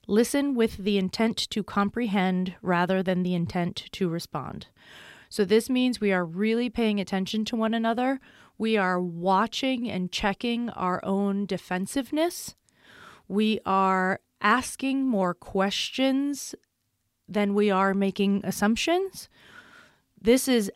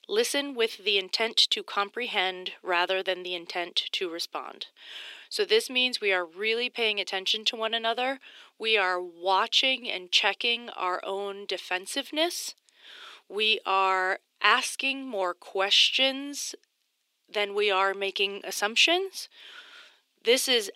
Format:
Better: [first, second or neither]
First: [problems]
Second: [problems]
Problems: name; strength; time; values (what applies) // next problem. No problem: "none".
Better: first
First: none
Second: thin; very; fading below 350 Hz